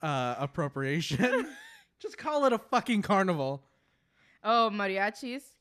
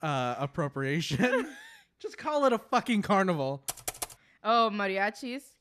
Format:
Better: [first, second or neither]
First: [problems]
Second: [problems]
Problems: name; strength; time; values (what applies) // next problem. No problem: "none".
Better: first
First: none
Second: keyboard typing; noticeable; at 3.5 s; peak 6 dB below the speech